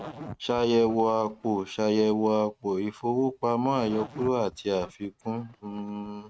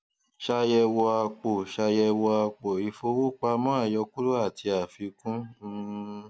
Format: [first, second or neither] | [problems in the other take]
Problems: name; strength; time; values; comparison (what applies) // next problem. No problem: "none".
second | noise reduction (neural mask model RNNoise)